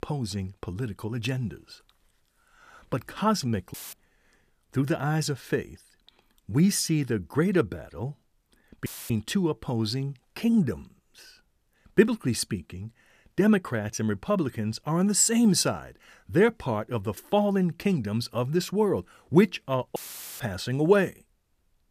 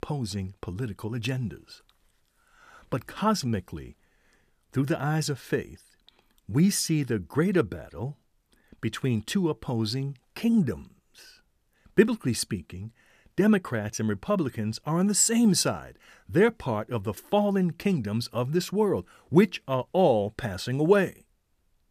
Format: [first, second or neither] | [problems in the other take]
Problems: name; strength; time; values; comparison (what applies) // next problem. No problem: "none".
second | audio cutting out; filled with static; at 3.5 s, at 9 s and at 20 s